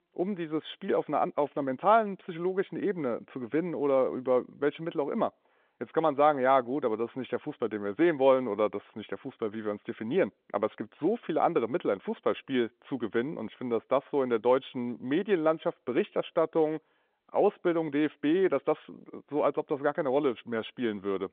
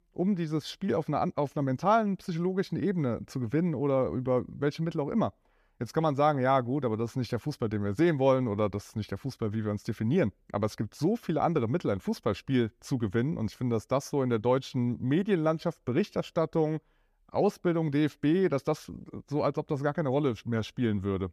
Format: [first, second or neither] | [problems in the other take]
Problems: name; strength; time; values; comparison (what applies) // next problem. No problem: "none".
second | phone-call audio; nothing above 3.5 kHz